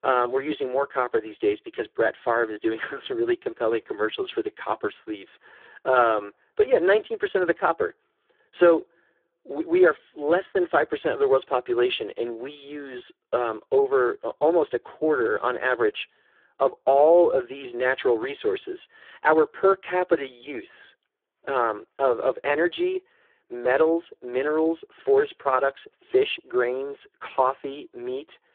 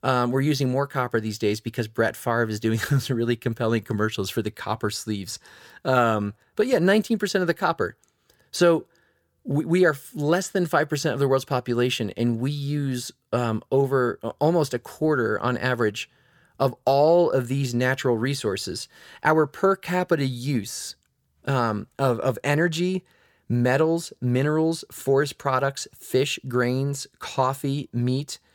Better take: second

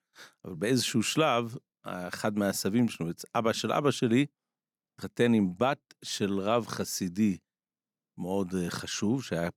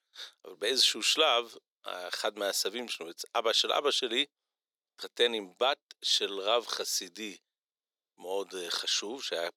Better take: first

